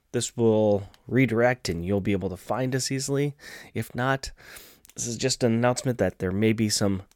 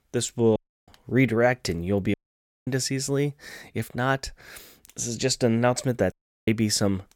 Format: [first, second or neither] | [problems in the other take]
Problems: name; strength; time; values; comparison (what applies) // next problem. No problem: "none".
first | audio cutting out; at 0.5 s, at 2 s for 0.5 s and at 6 s